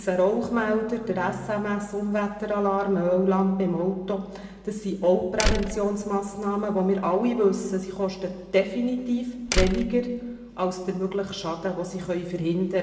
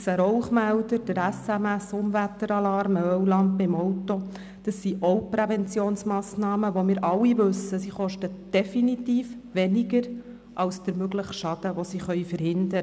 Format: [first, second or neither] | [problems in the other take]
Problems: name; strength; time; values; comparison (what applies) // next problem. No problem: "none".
second | background sound (Slam); 2 dB below the speech // room echo; dies away in 1.1 s